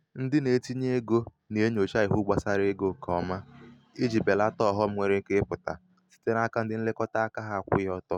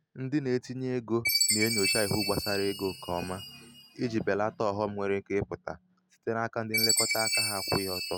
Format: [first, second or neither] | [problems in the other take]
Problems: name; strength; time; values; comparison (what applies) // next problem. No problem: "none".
first | background sound (Chime); 2 dB below the speech